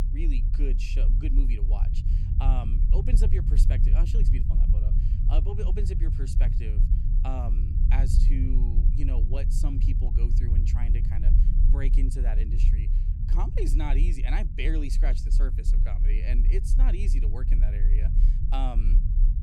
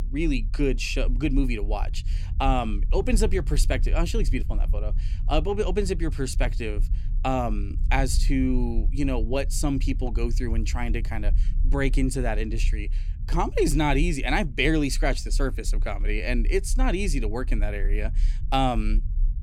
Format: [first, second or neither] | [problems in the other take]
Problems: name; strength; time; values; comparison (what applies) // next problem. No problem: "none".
second | low rumble; loud; throughout; 5 dB below the speech; faint in the second